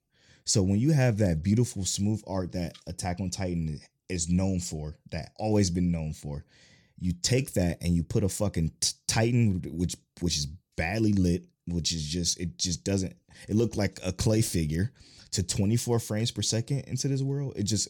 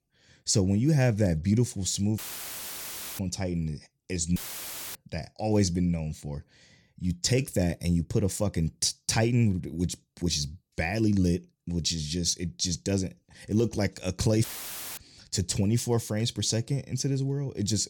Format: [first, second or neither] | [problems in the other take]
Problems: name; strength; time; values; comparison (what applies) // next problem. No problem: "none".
first | audio cutting out; filled with static; at 2 s for 1 s, at 4.5 s for 0.5 s and at 14 s for 0.5 s